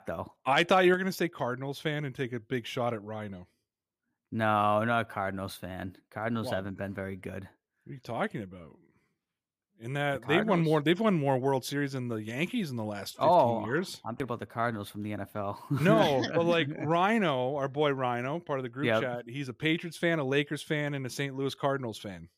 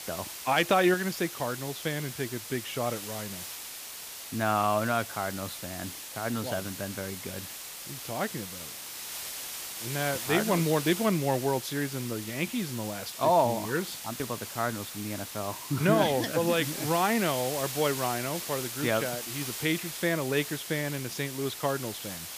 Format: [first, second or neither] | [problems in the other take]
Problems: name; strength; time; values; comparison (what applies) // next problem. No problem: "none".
first | hiss; loud; throughout; 7 dB below the speech